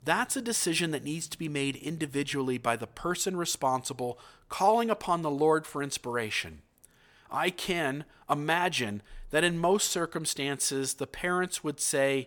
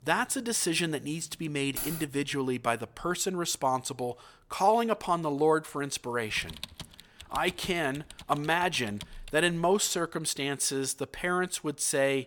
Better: first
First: none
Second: jangling keys; noticeable; at 2 s; peak 5 dB below the speech // keyboard typing; faint; from 6.5 to 9.5 s; peak 10 dB below the speech

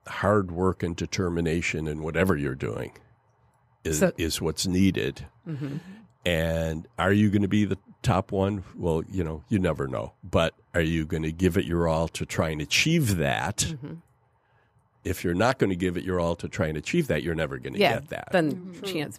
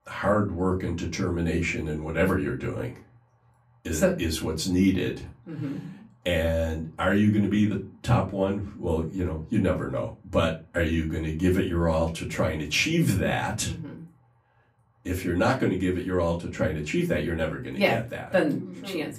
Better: first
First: none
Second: off-mic speech; far // room echo; very slight; dies away in 0.2 s

